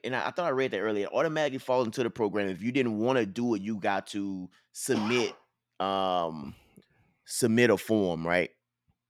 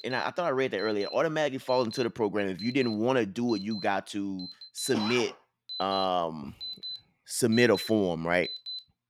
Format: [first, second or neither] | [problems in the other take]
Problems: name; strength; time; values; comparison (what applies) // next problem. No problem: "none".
first | alarms or sirens; noticeable; throughout; 10 dB below the speech